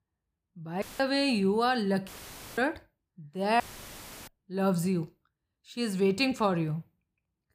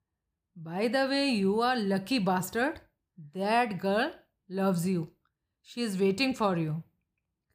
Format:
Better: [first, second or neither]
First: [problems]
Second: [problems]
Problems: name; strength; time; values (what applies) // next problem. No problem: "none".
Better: second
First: audio cutting out; filled with static; at 1 s, at 2 s and at 3.5 s for 0.5 s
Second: none